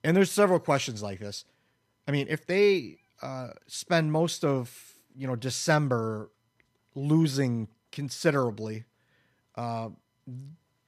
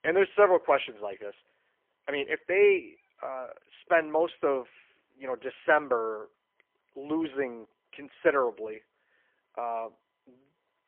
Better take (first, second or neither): first